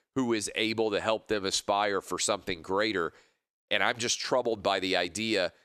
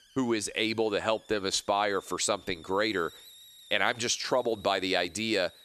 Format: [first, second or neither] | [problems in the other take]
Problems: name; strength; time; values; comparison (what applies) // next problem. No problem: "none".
first | hiss; faint; throughout; 25 dB below the speech